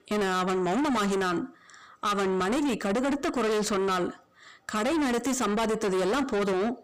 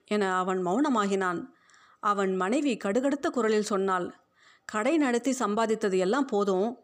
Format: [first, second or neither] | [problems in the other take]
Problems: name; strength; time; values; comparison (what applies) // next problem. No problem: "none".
second | distortion; heavy; 7 dB below the speech